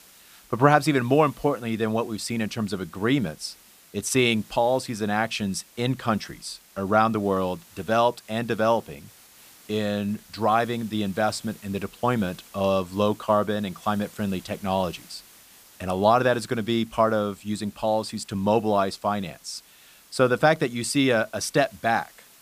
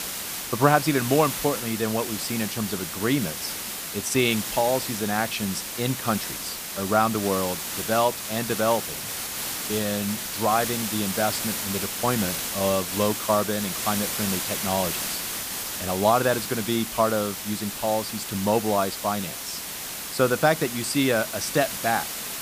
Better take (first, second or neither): first